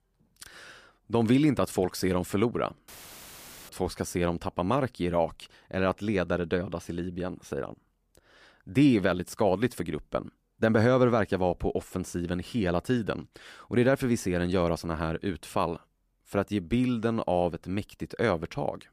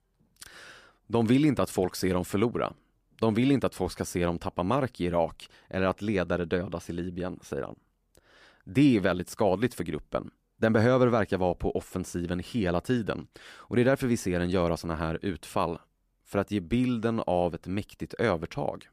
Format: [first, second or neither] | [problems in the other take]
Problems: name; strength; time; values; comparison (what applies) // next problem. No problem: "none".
second | audio cutting out; filled with static; at 3 s for 1 s